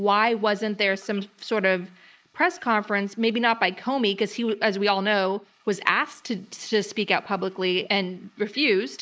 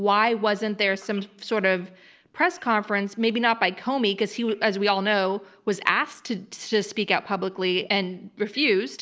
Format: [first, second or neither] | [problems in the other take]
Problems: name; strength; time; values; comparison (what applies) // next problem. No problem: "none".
second | noise reduction (neural mask model Resemble Enhance denoiser)